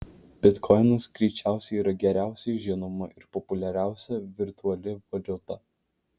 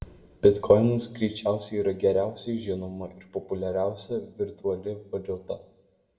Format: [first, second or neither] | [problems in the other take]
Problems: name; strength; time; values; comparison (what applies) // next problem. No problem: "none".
first | room echo; dies away in 0.7 s